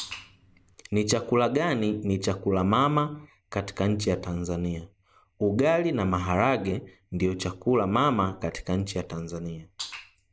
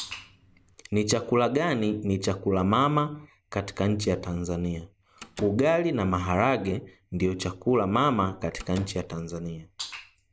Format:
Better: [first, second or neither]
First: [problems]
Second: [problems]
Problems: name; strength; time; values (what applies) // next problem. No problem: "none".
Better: first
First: none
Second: background sound (Slam); 19 dB below the speech